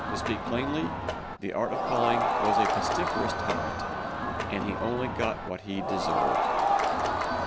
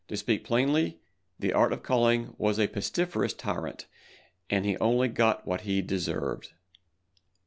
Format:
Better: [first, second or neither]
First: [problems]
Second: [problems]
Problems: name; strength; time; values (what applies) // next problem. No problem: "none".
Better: second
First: background sound (Crowd); 5 dB above the speech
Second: none